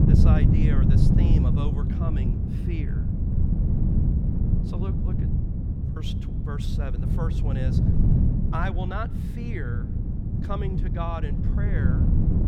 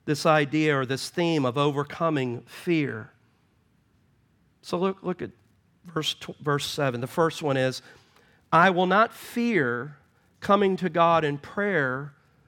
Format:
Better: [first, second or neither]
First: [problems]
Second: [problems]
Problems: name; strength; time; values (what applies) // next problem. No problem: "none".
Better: second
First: wind noise on the microphone; heavy; 1 dB above the speech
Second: none